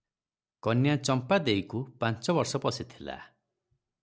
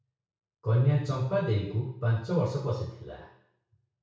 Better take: first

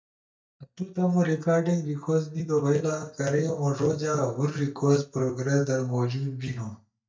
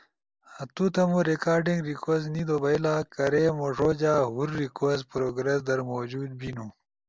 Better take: second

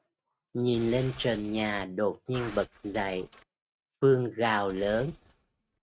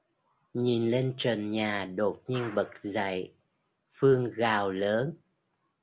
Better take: second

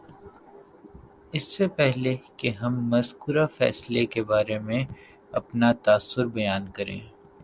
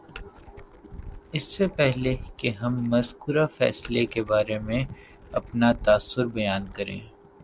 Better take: first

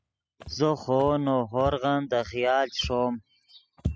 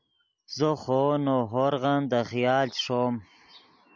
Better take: second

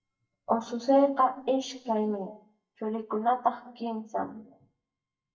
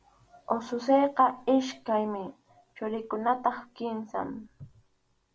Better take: second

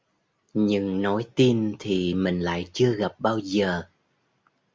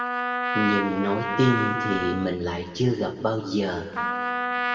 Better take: first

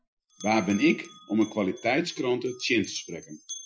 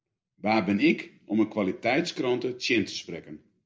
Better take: second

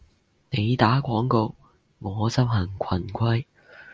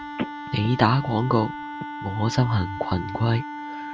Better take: first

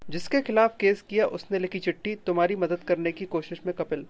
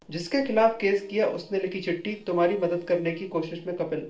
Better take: first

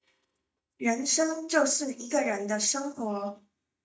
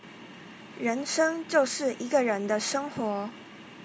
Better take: second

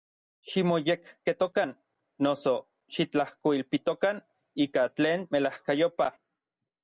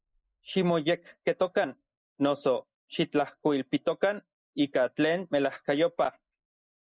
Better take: first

